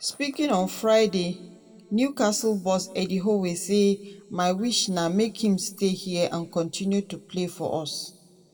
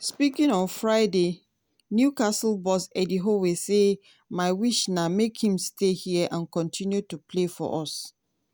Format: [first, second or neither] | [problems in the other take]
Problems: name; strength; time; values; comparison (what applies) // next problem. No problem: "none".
second | room echo; dies away in 1.1 s